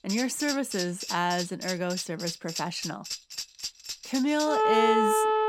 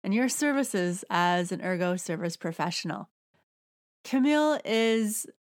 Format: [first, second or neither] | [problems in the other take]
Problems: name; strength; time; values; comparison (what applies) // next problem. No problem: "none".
second | background music; loud; throughout; as loud as the speech